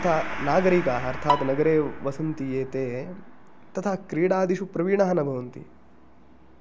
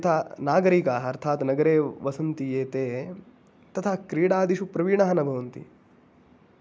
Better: second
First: background sound (Gong + Bowed string instrument); 8 dB below the speech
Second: none

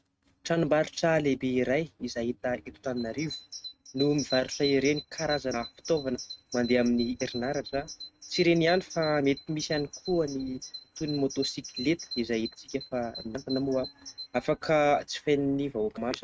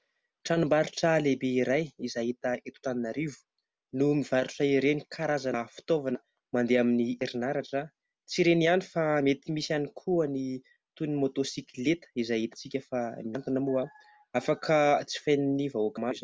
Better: second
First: noise reduction (neural mask model RNNoise)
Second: none

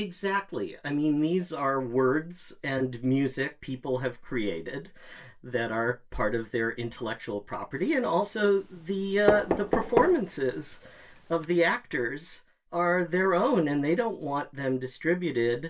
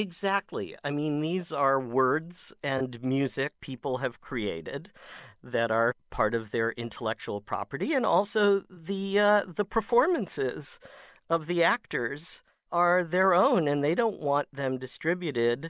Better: second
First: background sound (Knock); 5 dB below the speech // room echo; dies away in 0.2 s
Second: none

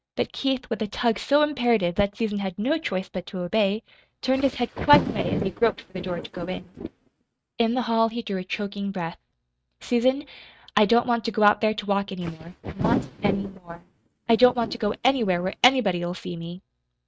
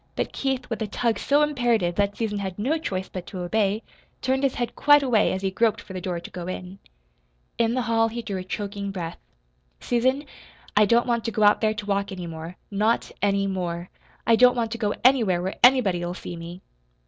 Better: second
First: noise reduction (neural mask model RNNoise)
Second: none

